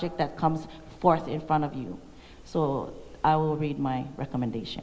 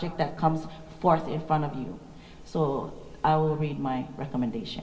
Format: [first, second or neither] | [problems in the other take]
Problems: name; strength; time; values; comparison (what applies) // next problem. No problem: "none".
first | room echo; dies away in 2.3 s